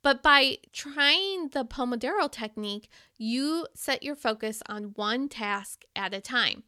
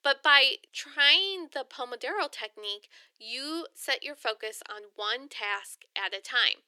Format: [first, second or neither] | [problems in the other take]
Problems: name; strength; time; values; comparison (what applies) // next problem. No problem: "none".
first | thin; very; fading below 350 Hz